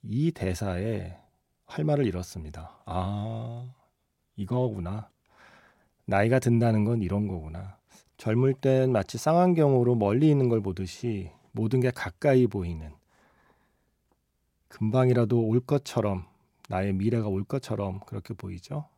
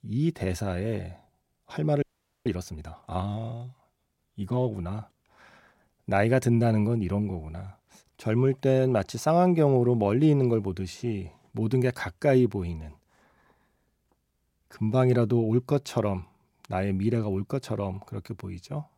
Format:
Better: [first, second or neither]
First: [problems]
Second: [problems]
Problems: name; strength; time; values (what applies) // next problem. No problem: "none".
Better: first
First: none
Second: audio freezing; at 2 s